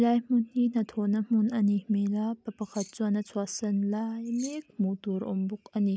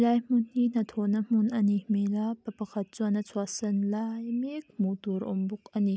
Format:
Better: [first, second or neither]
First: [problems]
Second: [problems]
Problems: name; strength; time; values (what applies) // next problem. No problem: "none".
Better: second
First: background sound (Keys jangling); 18 dB below the speech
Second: none